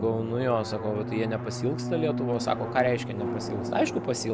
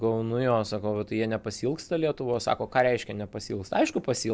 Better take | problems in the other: second | background sound (Drum); 4 dB below the speech

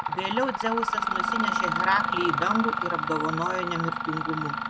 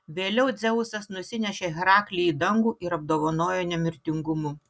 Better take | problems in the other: second | background sound (Mechanisms); 2 dB above the speech

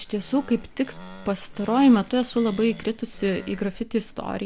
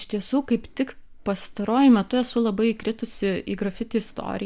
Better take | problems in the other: second | background sound (Animal); 20 dB below the speech

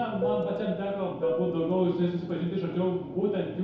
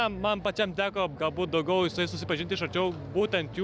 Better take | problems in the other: second | background sound (Fixed-wing aircraft, airplane); 7 dB below the speech // room echo; dies away in 0.8 s

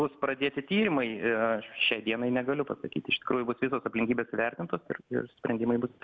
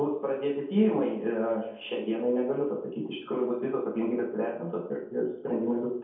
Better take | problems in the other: first | room echo; dies away in 0.7 s

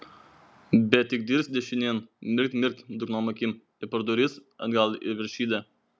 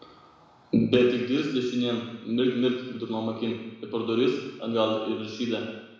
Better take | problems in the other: first | room echo; dies away in 1 s

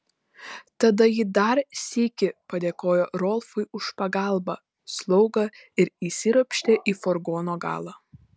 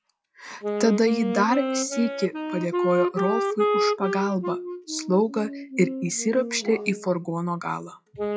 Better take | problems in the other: first | noise reduction (classical method WPE with log-MMSE)

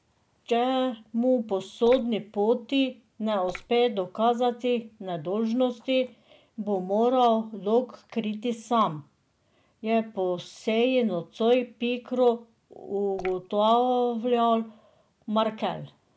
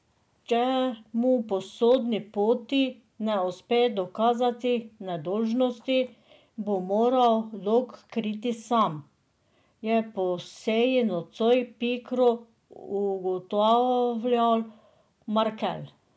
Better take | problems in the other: second | background sound (Drip / Water); 14 dB below the speech

